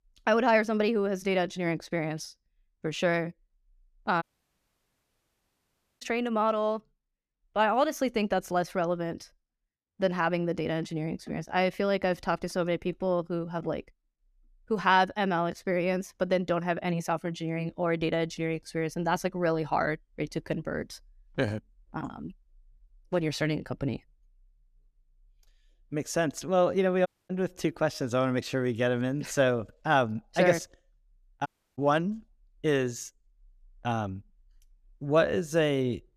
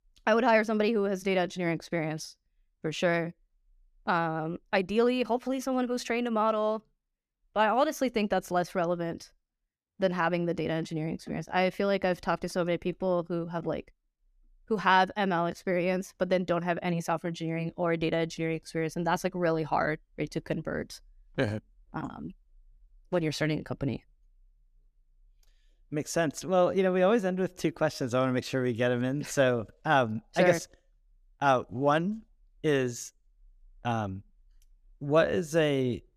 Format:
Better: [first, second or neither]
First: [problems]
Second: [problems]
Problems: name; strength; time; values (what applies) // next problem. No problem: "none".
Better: second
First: audio cutting out; at 4 s for 2 s, at 27 s and at 31 s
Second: none